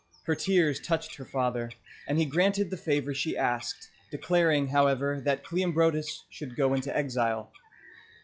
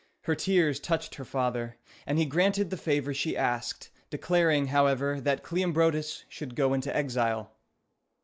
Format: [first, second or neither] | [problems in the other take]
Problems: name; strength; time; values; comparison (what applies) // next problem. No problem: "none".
second | noise reduction (classical method log-MMSE)